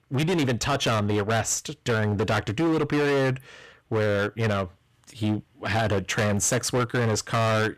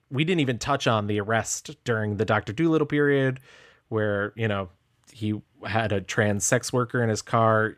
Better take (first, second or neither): second